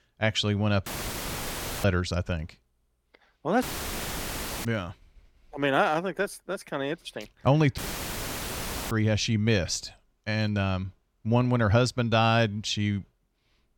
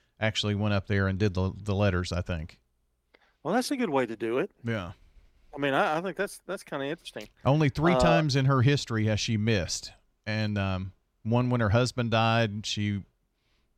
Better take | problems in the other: second | audio cutting out; filled with static; at 1 s for 1 s, at 3.5 s for 1 s and at 8 s for 1 s

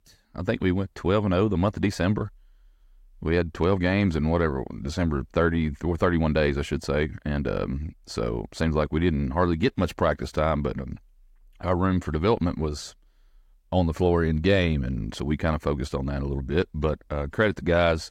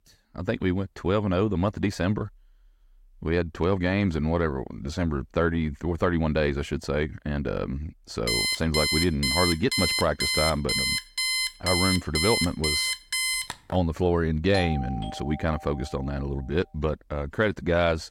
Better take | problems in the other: first | alarm; loud; from 8.5 to 14 s; peak 3 dB above the speech // doorbell; noticeable; from 15 to 16 s; peak 6 dB below the speech

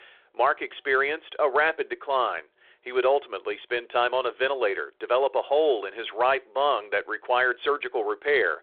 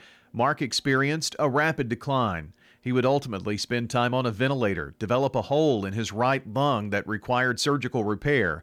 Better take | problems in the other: second | phone-call audio

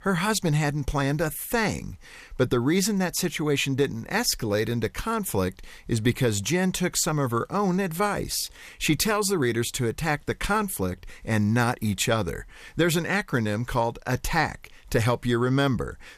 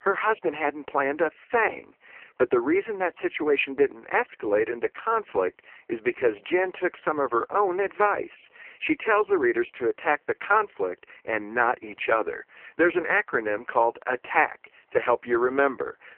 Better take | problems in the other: first | phone-call audio; poor line

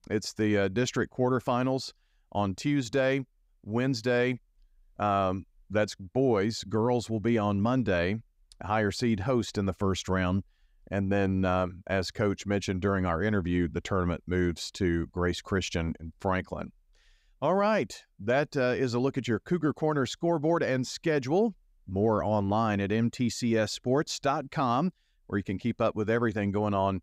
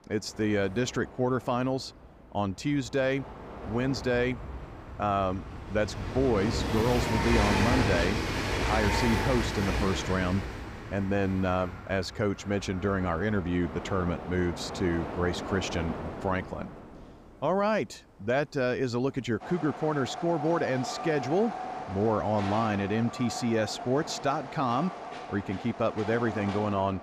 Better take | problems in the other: first | train or aircraft noise; loud; throughout; 5 dB below the speech

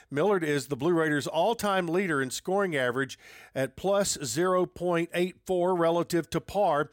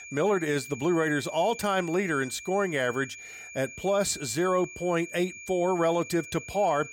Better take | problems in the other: first | high-pitched whine; noticeable; throughout; 2.5 kHz, 15 dB below the speech

